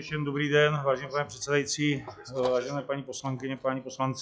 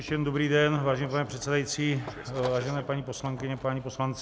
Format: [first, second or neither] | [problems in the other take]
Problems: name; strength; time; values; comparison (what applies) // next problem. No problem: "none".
second | noise reduction (classical method log-MMSE)